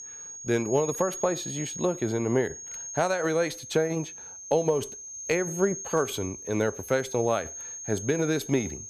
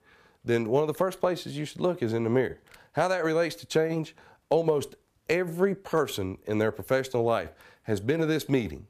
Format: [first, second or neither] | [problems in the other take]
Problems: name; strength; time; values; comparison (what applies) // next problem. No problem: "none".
second | high-pitched whine; loud; throughout; 6.5 kHz, 9 dB below the speech